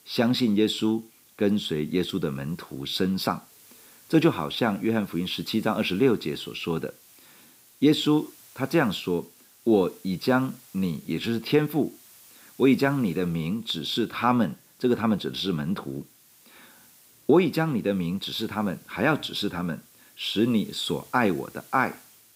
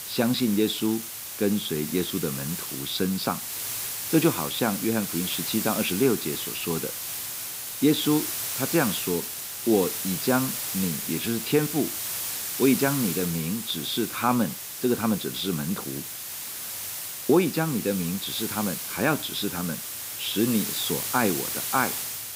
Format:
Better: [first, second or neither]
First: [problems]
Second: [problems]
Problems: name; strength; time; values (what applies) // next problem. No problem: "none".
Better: first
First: hiss; faint; throughout; 25 dB below the speech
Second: hiss; loud; throughout; 3 dB below the speech